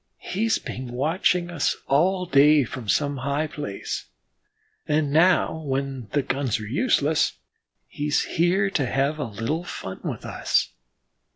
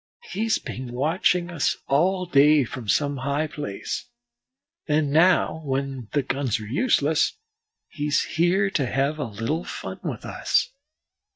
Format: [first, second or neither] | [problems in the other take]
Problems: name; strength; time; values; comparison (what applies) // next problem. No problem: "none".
first | noise reduction (neural mask model DeepFilterNet 3)